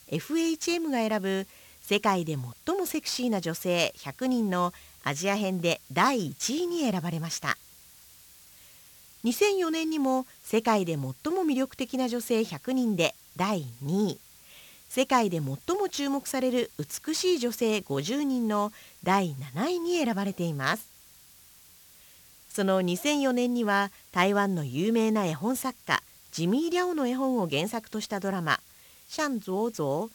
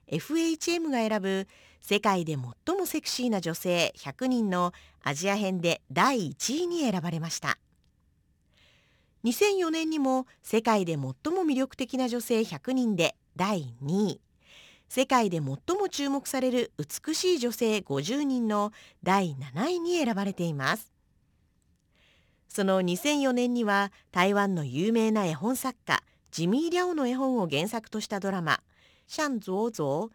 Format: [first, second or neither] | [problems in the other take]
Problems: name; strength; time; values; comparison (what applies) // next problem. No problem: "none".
second | hiss; faint; throughout; 25 dB below the speech